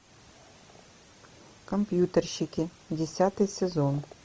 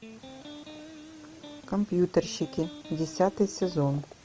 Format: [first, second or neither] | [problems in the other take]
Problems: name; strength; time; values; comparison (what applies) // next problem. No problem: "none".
first | background sound (Electric guitar); 16 dB below the speech